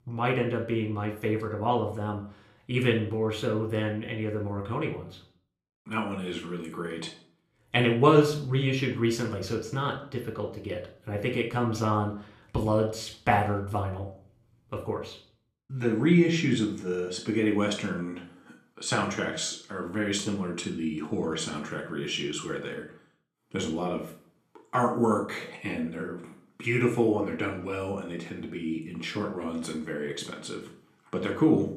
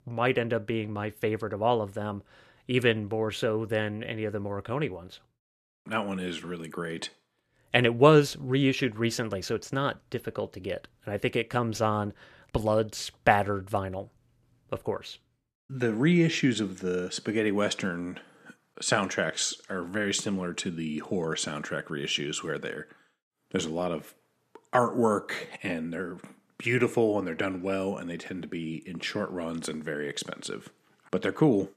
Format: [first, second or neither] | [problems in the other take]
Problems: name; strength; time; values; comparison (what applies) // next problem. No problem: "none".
second | room echo; slight; dies away in 0.4 s // off-mic speech; somewhat distant